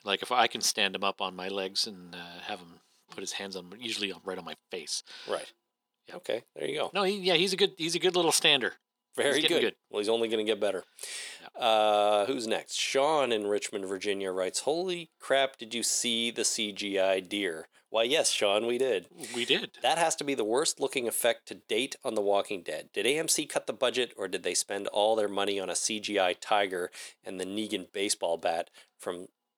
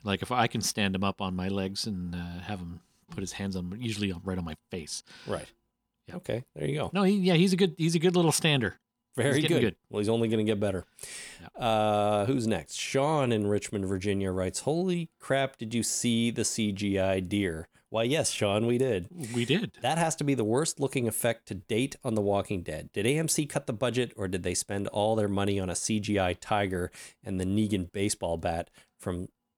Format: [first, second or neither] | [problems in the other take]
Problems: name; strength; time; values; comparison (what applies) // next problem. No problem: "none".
second | thin; somewhat; fading below 450 Hz